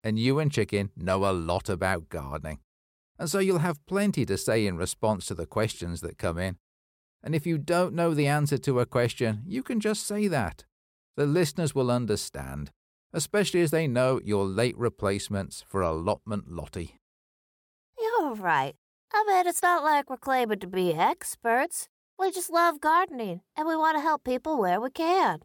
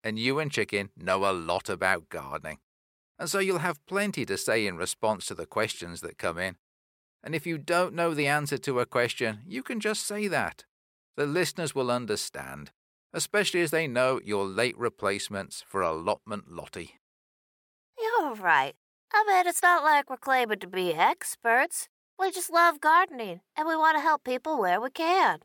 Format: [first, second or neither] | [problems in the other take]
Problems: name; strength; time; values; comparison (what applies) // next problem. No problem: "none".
first | thin; somewhat; fading below 750 Hz